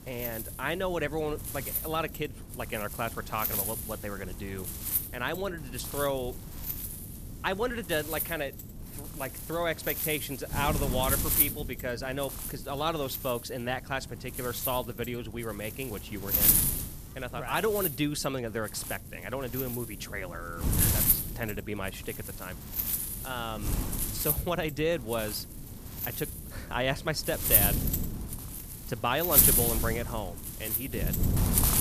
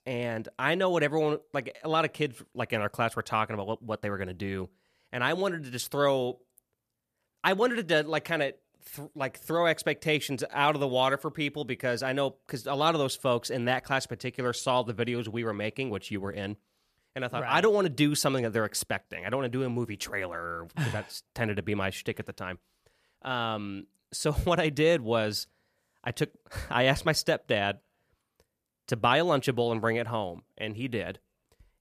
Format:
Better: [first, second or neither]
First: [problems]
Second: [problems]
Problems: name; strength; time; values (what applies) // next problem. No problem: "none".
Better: second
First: wind noise on the microphone; heavy; 2 dB below the speech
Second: none